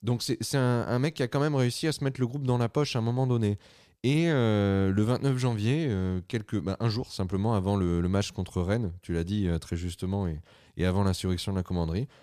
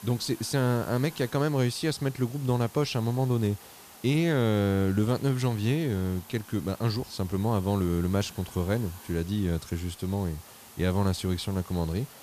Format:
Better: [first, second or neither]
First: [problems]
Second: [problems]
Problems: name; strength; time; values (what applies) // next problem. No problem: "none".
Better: first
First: none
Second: hiss; noticeable; throughout; 20 dB below the speech